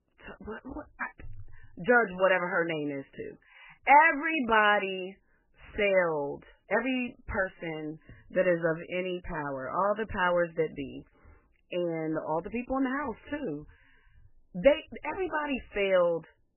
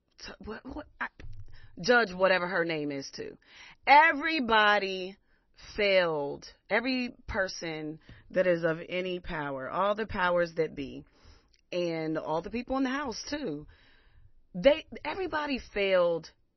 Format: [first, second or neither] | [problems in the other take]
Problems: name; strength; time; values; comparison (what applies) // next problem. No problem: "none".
second | garbled, watery; badly; nothing above 3 kHz; slightly in the second